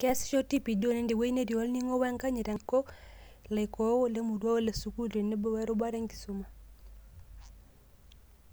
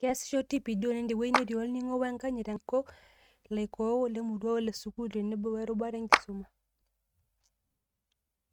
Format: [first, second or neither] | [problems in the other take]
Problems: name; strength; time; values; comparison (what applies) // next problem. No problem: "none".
first | noise reduction (neural mask model RNNoise)